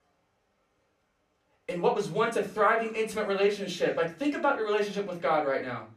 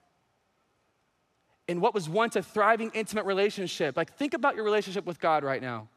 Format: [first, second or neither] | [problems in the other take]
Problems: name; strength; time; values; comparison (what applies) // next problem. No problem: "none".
second | off-mic speech; far // room echo; very slight; dies away in 0.3 s